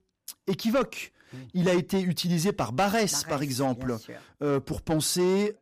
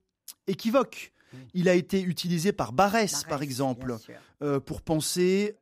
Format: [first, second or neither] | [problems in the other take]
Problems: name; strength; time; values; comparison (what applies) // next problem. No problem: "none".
second | distortion; slight; 10 dB below the speech